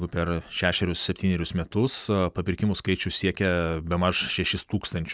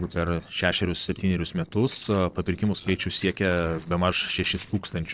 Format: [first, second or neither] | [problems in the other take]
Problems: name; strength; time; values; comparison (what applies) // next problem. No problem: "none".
first | noise reduction (neural separator model SepFormer DNS4)